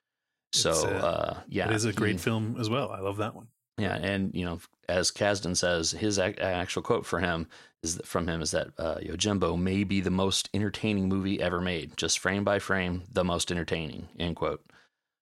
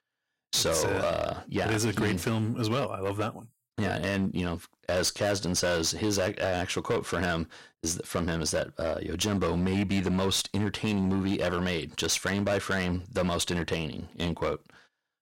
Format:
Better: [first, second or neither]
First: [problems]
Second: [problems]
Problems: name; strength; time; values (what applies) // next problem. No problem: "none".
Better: first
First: none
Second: distortion; slight; 11% of the sound clipped